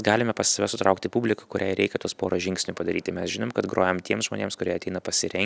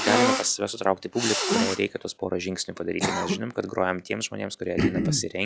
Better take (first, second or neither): first